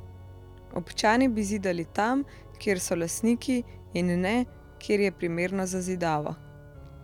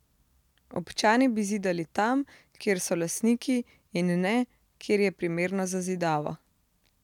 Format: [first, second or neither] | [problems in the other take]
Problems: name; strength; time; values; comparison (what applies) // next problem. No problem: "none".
second | background sound (Organ); 18 dB below the speech